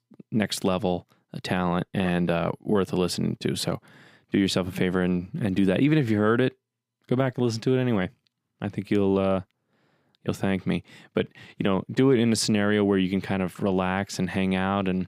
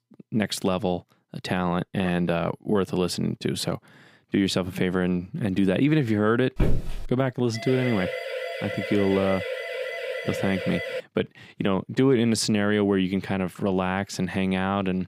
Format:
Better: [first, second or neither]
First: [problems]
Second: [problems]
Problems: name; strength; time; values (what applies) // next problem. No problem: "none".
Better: first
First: none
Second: footsteps; noticeable; at 6.5 s; peak 2 dB below the speech // siren; noticeable; from 7.5 to 11 s; peak 5 dB below the speech